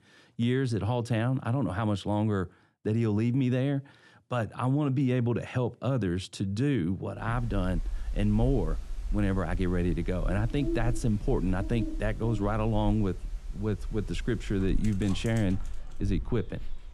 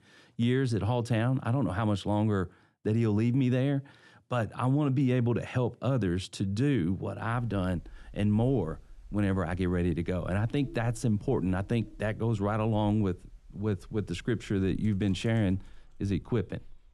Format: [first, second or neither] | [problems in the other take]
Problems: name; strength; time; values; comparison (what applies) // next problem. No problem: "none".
second | animal sounds; loud; from 7 s on; 9 dB below the speech; faint in the second